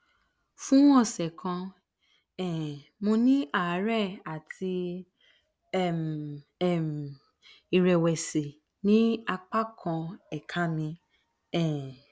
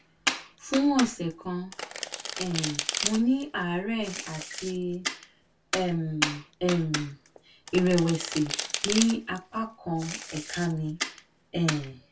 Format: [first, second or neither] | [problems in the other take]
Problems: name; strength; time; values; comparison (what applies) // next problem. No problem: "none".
first | background sound (Domestic sounds, home sounds); 6 dB below the speech // room echo; dies away in 0.1 s